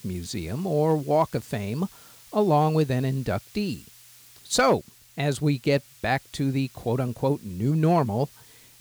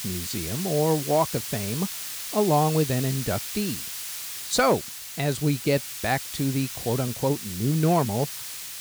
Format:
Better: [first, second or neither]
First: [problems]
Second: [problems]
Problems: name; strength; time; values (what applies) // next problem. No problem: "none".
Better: first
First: hiss; faint; throughout; 25 dB below the speech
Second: hiss; loud; throughout; 6 dB below the speech